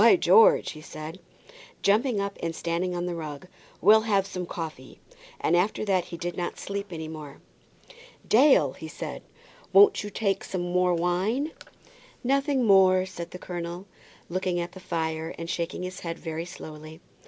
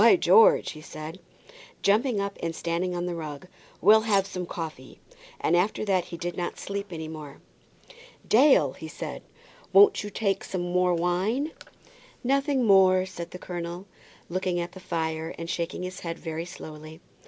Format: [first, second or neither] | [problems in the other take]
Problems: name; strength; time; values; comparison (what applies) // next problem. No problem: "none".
first | background sound (Cutlery, silverware); 13 dB below the speech